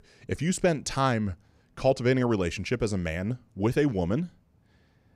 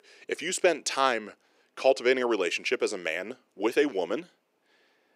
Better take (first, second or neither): first